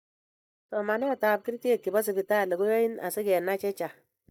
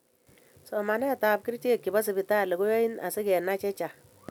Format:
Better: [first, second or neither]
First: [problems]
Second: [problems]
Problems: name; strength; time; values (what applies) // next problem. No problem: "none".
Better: second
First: noise reduction (neural mask model DeepFilterNet 3)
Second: none